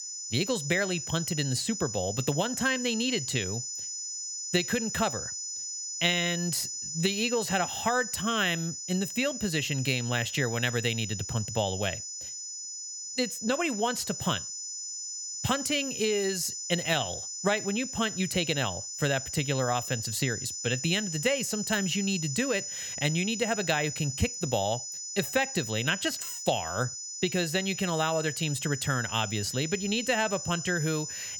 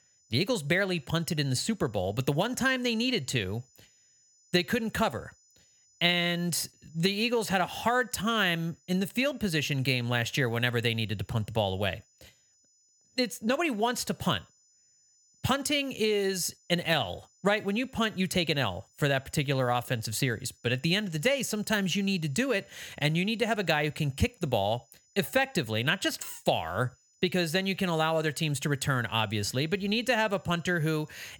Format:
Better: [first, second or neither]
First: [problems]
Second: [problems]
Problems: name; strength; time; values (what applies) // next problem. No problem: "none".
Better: second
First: high-pitched whine; loud; throughout; 7 kHz, 5 dB below the speech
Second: high-pitched whine; faint; throughout; 7 kHz, 35 dB below the speech